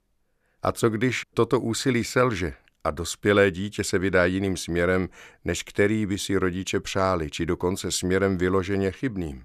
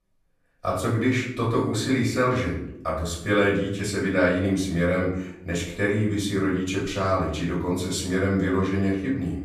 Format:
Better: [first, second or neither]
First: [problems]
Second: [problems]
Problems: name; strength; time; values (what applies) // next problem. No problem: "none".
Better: first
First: none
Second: off-mic speech; far // room echo; noticeable; dies away in 0.7 s